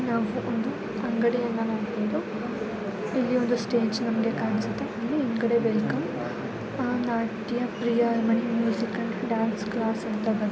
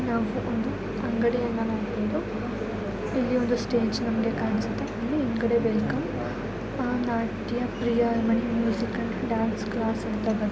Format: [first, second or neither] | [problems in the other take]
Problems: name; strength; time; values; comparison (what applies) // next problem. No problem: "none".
first | background sound (Mechanisms); 10 dB below the speech